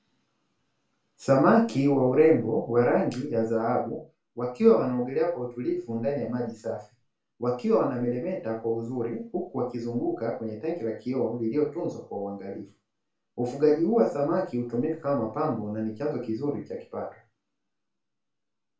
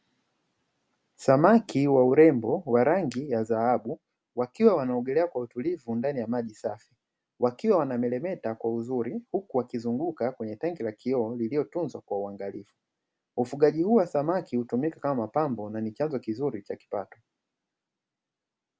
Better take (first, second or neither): second